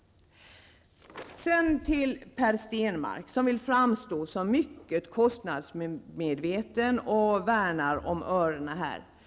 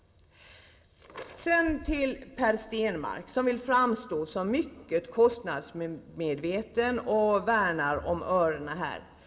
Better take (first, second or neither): first